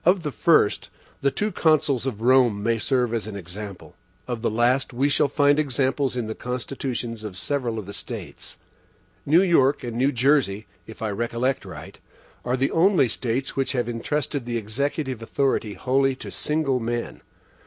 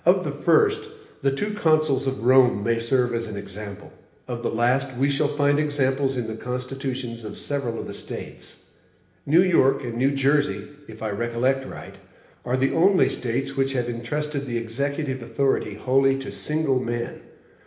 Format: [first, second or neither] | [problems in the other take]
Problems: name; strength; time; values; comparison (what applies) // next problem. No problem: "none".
first | room echo; dies away in 1 s